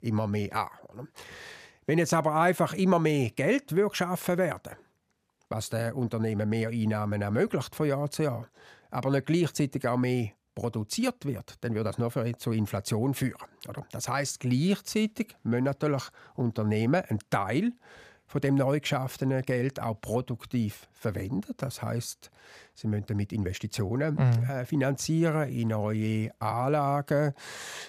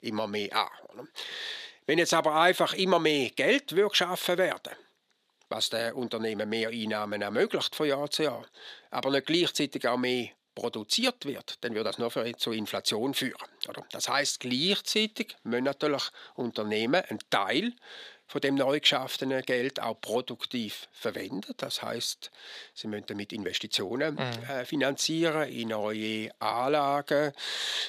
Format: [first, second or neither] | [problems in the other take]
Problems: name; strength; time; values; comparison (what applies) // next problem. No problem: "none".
first | thin; somewhat; fading below 350 Hz